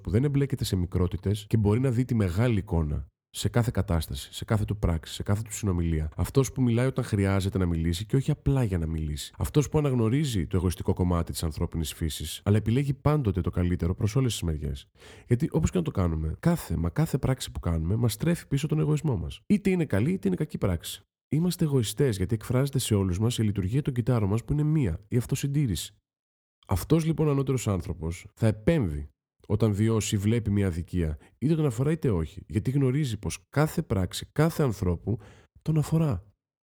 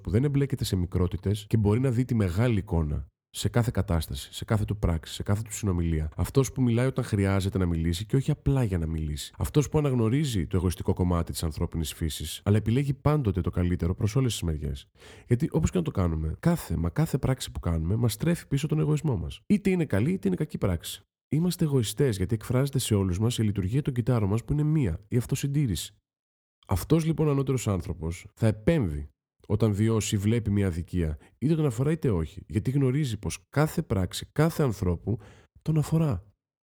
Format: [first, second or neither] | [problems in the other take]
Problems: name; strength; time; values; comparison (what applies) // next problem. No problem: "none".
neither | none